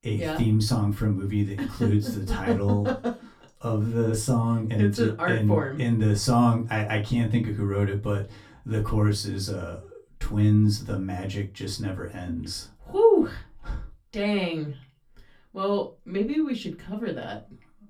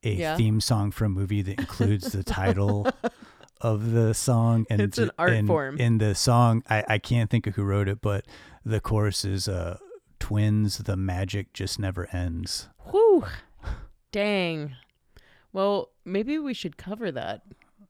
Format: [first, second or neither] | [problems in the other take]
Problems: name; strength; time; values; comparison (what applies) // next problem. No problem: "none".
second | off-mic speech; far // room echo; very slight; dies away in 0.2 s